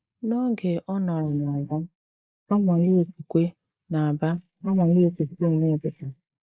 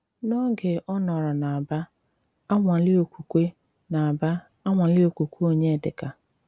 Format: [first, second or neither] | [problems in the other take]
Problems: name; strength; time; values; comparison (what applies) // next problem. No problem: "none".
second | noise reduction (neural mask model Resemble Enhance denoiser)